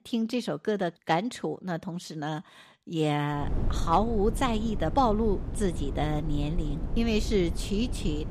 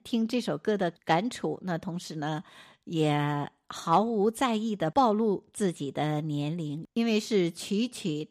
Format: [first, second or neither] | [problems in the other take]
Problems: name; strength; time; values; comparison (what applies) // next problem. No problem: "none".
second | wind noise on the microphone; occasional gusts; from 3.5 s on; 15 dB below the speech